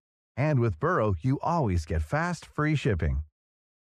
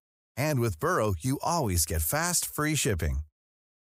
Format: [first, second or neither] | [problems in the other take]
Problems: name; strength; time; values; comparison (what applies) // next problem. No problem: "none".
second | muffled; very; fading above 2.5 kHz